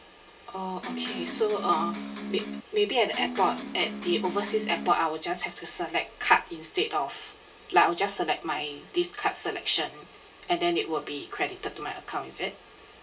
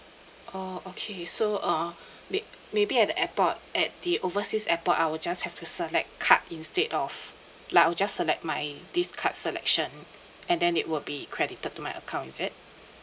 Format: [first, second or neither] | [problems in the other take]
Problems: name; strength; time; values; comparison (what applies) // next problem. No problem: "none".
second | background sound (Electric guitar); 6 dB below the speech // room echo; dies away in 0.2 s